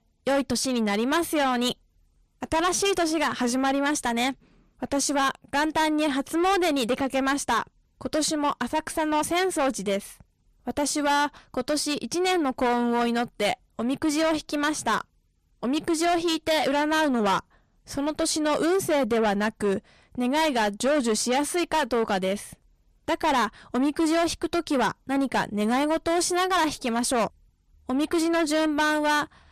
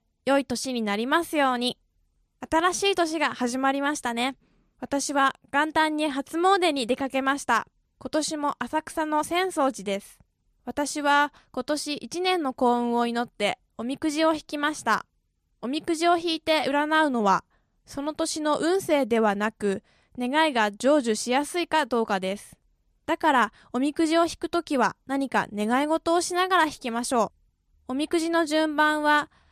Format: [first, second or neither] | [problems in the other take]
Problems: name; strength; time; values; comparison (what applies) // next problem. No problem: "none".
second | distortion; heavy; 7 dB below the speech